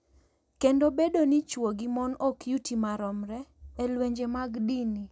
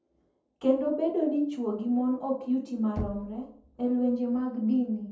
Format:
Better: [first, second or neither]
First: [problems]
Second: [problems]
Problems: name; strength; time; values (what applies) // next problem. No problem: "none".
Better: first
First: none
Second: background sound (Knock); 18 dB below the speech // room echo; dies away in 0.5 s